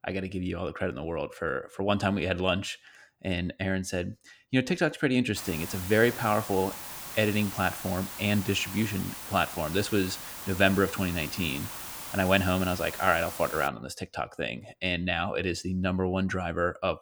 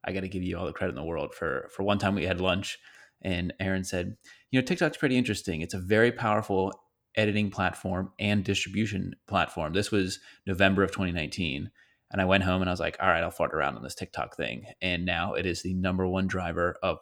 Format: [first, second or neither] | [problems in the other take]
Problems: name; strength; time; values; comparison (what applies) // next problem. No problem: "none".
second | hiss; loud; from 5.5 to 14 s; 9 dB below the speech